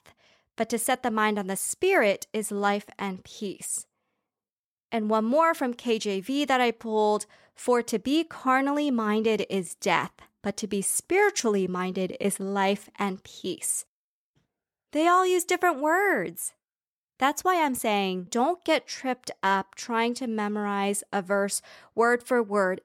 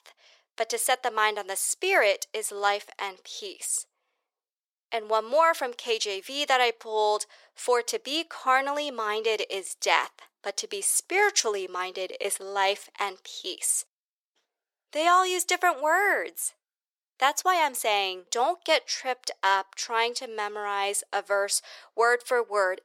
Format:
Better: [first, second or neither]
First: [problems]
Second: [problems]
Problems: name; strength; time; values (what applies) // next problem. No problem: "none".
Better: first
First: none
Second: thin; very; fading below 450 Hz